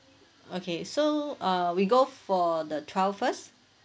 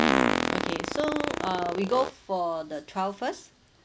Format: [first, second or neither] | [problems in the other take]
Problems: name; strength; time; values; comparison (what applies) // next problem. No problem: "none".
first | background sound (Fart); 1 dB above the speech